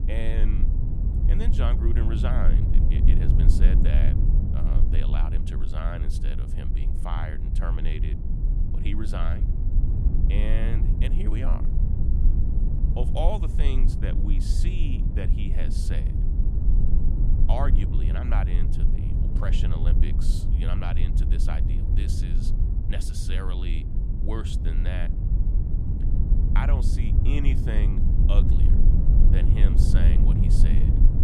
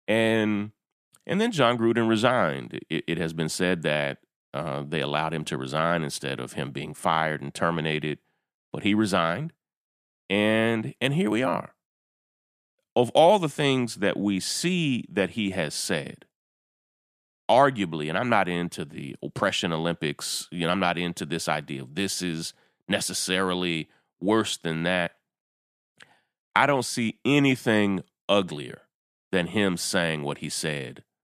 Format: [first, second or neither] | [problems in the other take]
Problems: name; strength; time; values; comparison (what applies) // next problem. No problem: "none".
second | low rumble; loud; throughout; 2 dB below the speech